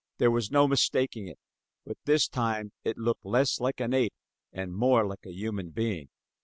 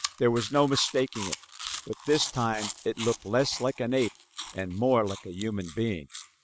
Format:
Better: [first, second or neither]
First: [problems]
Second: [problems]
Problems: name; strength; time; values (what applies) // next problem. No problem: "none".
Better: first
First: none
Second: background sound (Chewing, mastication); 12 dB below the speech